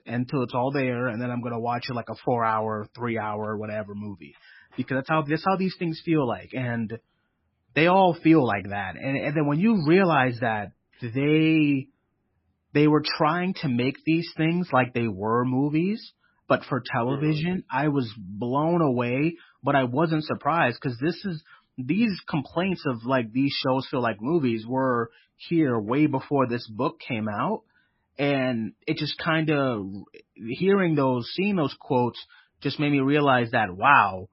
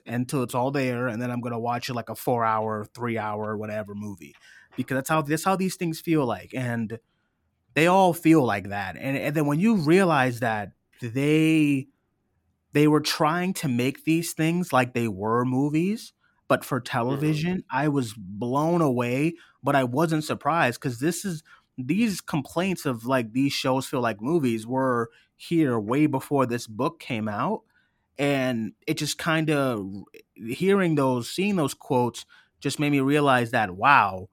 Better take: second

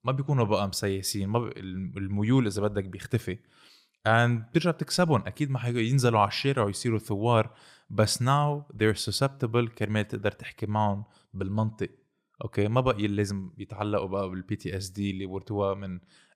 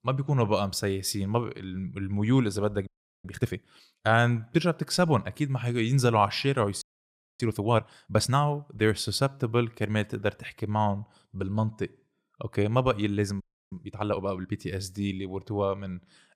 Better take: first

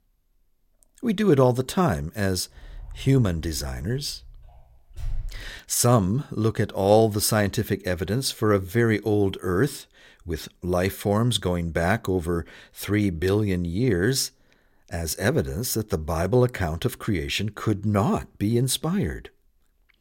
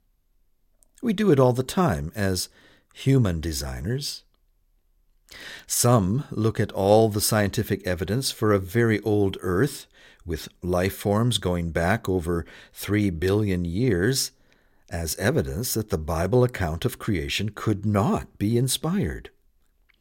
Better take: second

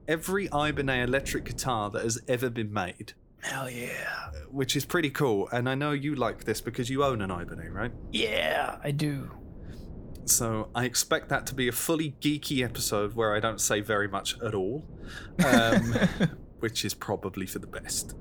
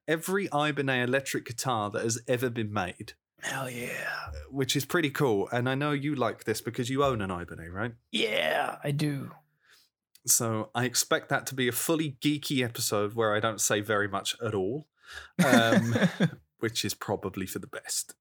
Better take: second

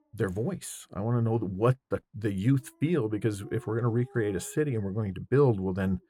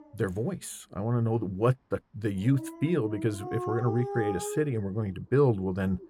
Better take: first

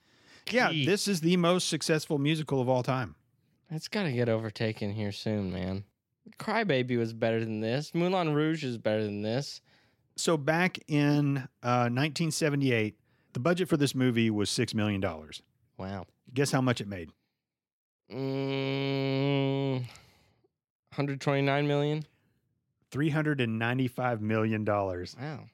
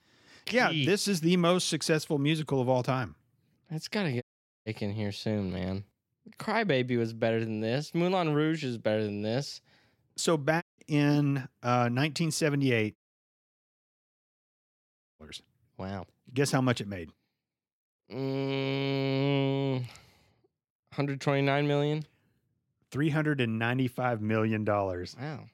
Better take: first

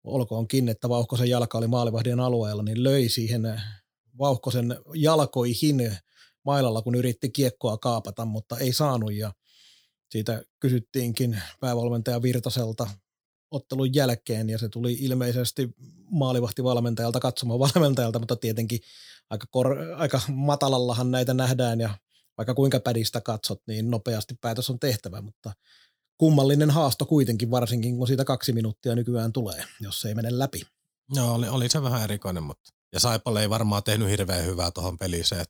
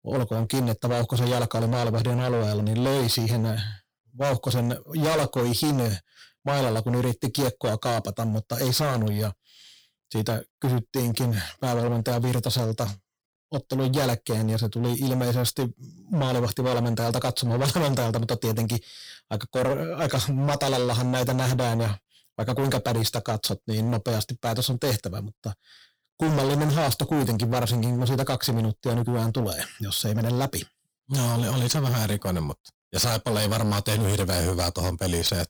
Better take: first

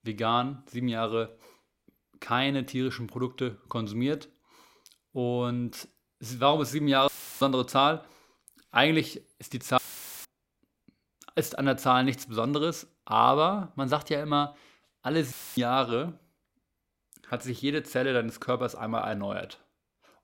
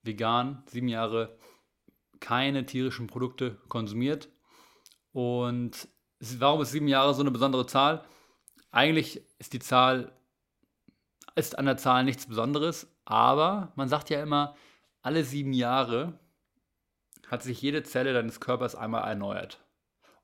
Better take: second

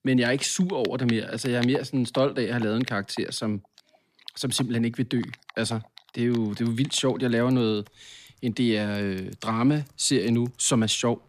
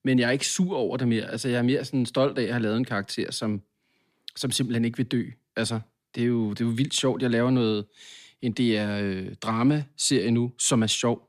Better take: second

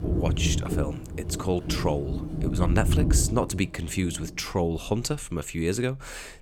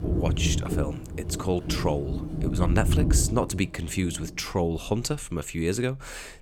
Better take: neither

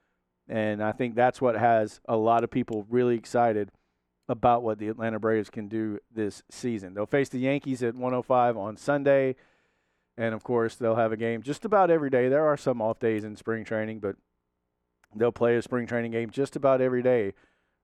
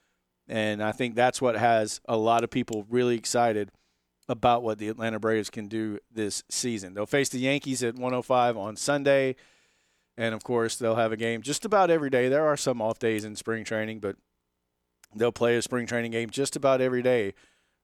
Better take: second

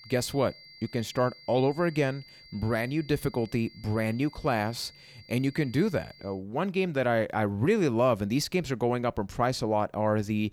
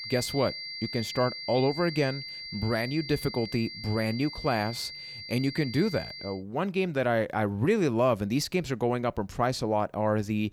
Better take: first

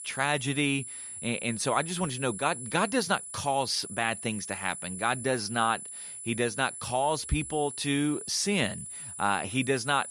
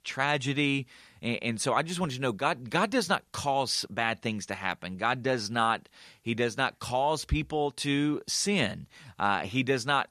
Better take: second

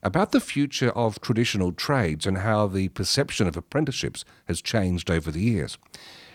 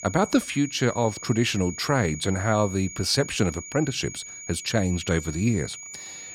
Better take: first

